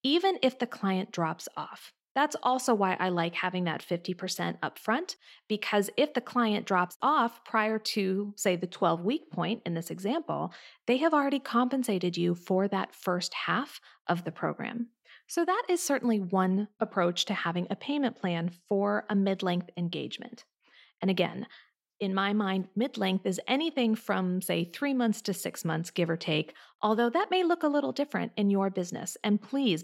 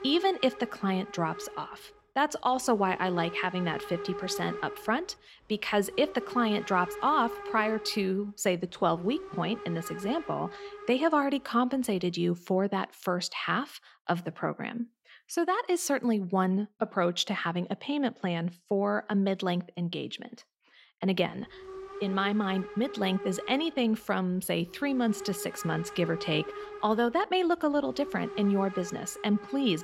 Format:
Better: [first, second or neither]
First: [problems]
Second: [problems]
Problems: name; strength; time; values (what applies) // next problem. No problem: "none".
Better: first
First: none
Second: hiss; noticeable; until 12 s and from 21 s on; 10 dB below the speech